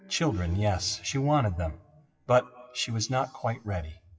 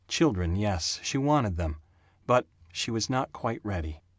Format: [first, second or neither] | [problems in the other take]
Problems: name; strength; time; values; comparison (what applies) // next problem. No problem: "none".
second | noise reduction (classical method WPE with log-MMSE)